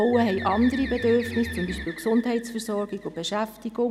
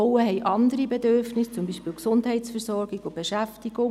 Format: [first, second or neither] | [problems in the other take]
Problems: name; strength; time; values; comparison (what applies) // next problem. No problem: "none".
second | background sound (Bowed string instrument + Bird); 12 dB below the speech